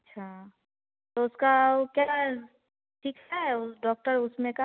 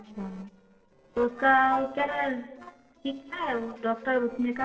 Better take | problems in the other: first | noise reduction (neural separator model SepFormer DNS4)

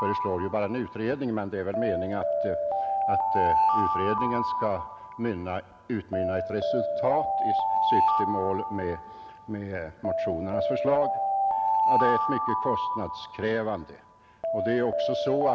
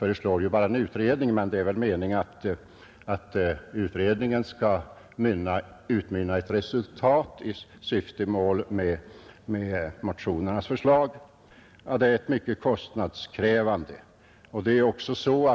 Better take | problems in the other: second | background sound (Alarm); 3 dB above the speech

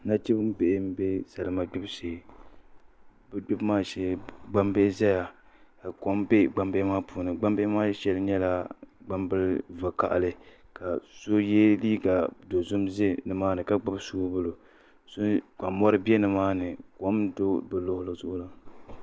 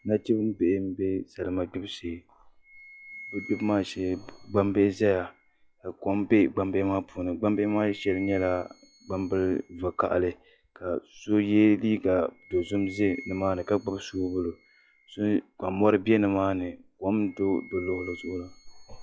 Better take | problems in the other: first | noise reduction (classical method log-MMSE)

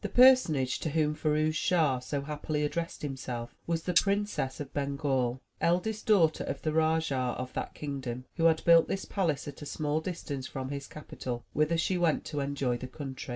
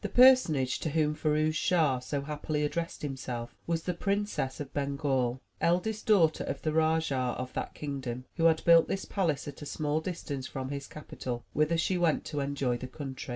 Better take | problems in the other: second | noise reduction (neural mask model Resemble Enhance denoiser)

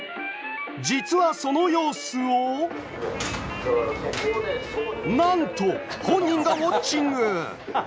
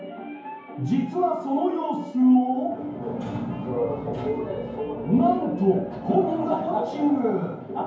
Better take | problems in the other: first | room echo; dies away in 0.9 s

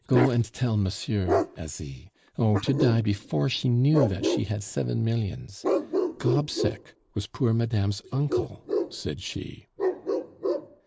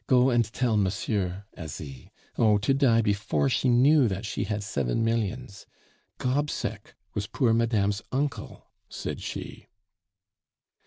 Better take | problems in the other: second | noise reduction (neural mask model Resemble Enhance denoiser)

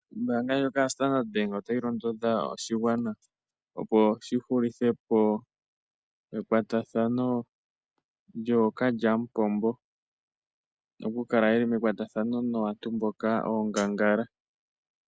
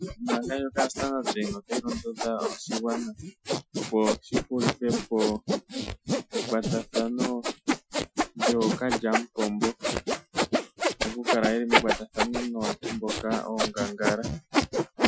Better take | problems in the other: first | noise reduction (classical method Wiener filter)

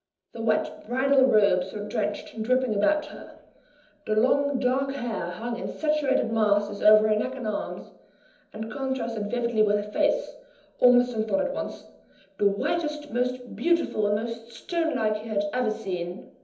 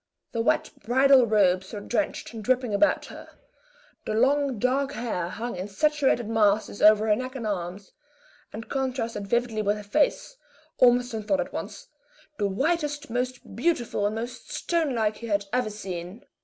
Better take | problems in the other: second | room echo; dies away in 1.2 s

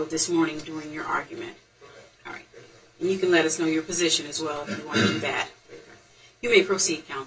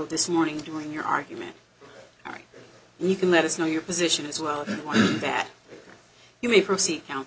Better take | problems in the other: second | room echo; dies away in 0.1 s

